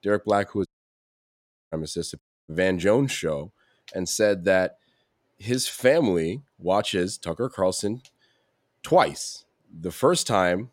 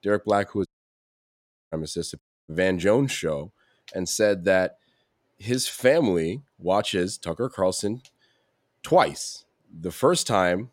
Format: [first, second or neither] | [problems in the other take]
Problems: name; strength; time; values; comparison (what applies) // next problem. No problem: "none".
neither | audio cutting out; at 0.5 s for 1 s and at 2 s; the same in both